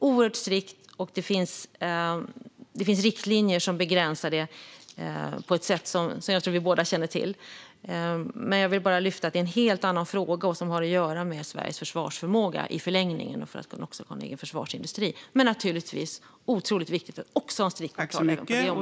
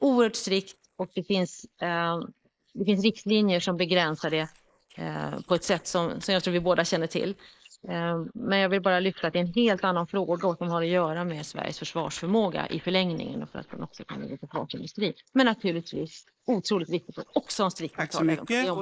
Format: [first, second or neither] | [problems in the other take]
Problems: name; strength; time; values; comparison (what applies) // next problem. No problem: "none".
first | noise reduction (neural mask model Resemble Enhance denoiser)